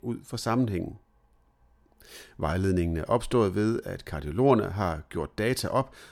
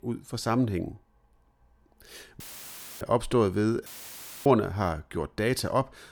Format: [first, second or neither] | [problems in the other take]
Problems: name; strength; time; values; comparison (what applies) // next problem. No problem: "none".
first | audio cutting out; filled with static; at 2.5 s for 0.5 s and at 4 s for 0.5 s